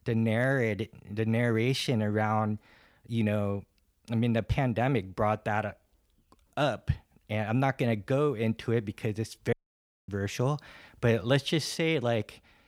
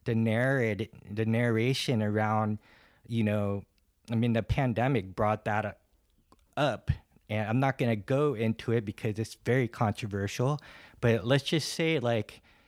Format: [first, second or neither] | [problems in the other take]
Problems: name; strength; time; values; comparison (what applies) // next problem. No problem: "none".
second | audio cutting out; at 9.5 s for 0.5 s